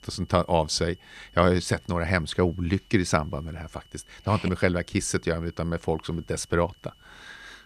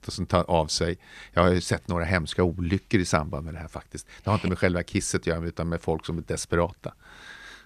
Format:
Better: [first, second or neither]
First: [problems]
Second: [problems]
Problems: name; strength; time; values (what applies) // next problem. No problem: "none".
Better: second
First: high-pitched whine; faint; throughout; 3 kHz, 30 dB below the speech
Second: none